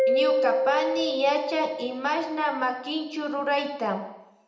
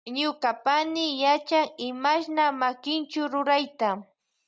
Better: second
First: background sound (Mallet percussion); 1 dB below the speech // room echo; dies away in 0.8 s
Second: none

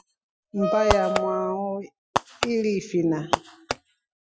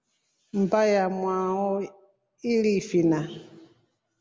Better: second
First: noise reduction (classical method Wiener filter)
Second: none

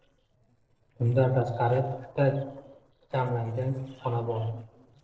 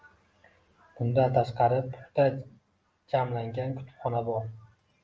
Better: second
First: noise reduction (neural separator model SepFormer DNS4)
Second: none

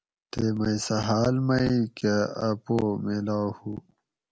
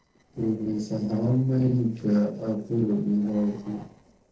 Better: first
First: none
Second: noise reduction (neural separator model SepFormer DNS4)

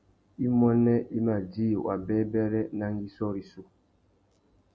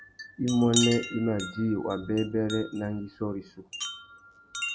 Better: first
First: none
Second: background sound (Wind chime); 8 dB below the speech

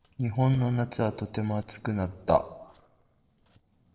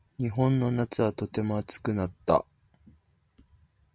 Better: second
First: noise reduction (neural separator model SepFormer DNS4)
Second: none

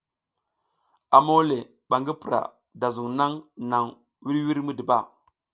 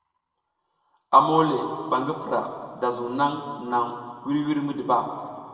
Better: first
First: none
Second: room echo; dies away in 2.2 s

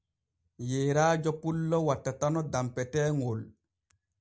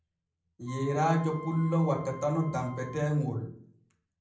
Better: first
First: none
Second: background sound (Wind instrument, woodwind instrument); 16 dB below the speech // room echo; dies away in 0.6 s

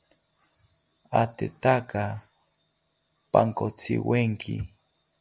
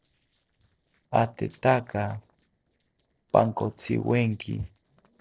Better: first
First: none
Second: noise reduction (neural separator model SepFormer DNS4)

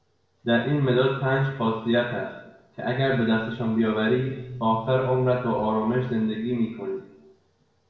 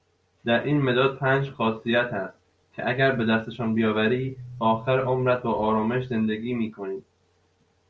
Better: second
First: room echo; dies away in 1 s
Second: none

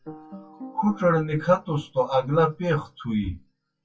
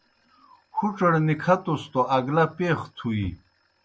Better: second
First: noise reduction (classical method WPE with log-MMSE)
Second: none

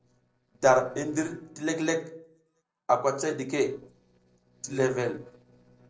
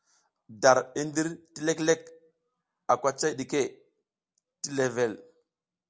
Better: second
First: noise reduction (neural separator model SepFormer DNS4)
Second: none

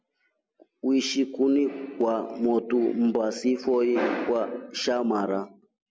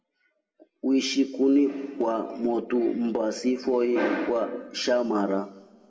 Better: first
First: none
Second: room echo; dies away in 1.8 s

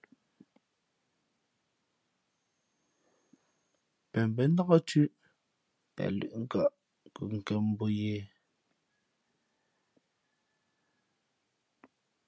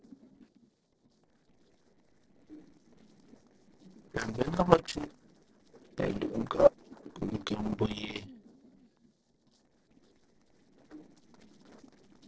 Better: first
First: none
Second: noise reduction (neural separator model SepFormer DNS4)

